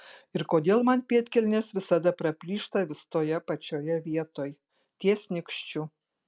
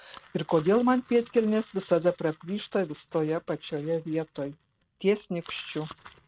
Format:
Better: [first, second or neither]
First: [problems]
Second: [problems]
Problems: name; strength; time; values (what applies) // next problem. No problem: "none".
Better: first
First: none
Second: noise reduction (neural mask model RNNoise)